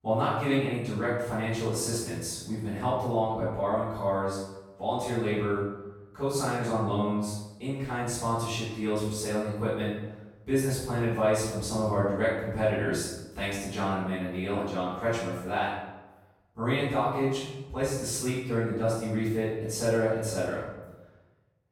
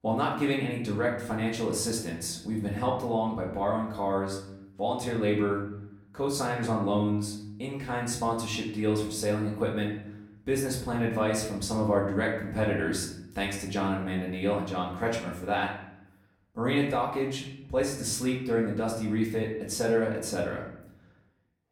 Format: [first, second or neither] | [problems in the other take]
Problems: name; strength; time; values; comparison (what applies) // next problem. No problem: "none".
second | room echo; strong; dies away in 0.9 s; slight in the second // off-mic speech; far; far in the second